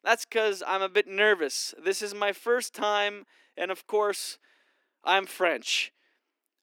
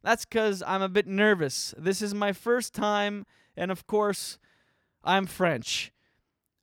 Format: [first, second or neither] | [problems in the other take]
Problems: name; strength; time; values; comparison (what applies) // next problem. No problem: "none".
second | thin; somewhat; fading below 300 Hz